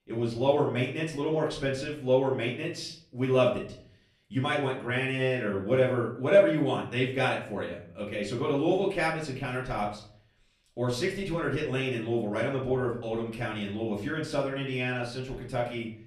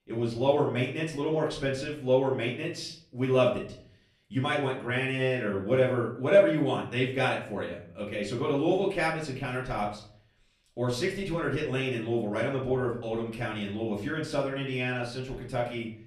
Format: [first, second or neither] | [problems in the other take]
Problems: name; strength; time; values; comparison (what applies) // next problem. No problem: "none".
neither | room echo; slight; dies away in 0.5 s; the same in both // off-mic speech; far; the same in both